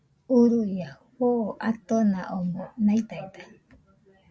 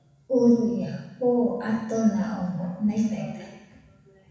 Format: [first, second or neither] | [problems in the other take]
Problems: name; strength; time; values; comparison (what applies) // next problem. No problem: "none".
first | room echo; dies away in 1 s